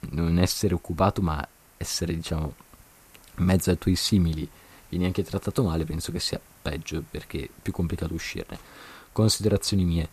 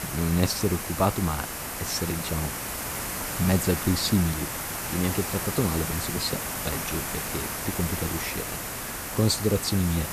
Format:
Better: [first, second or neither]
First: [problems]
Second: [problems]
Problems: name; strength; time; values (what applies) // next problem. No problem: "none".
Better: first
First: hiss; faint; throughout; 25 dB below the speech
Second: hiss; loud; throughout; 3 dB below the speech